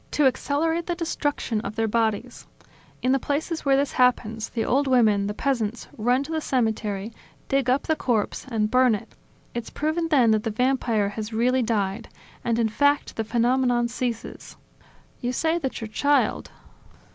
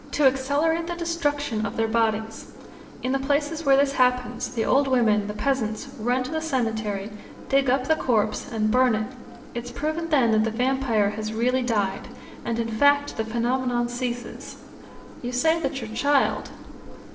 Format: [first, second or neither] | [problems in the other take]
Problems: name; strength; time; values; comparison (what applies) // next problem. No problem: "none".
first | background sound (Engine); 17 dB below the speech // room echo; dies away in 0.8 s